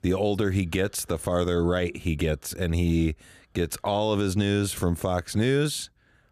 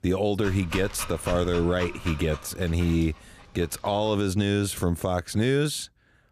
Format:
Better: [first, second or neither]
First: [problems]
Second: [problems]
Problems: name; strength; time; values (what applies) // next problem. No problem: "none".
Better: first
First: none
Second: dog barking; noticeable; until 4 s; peak 8 dB below the speech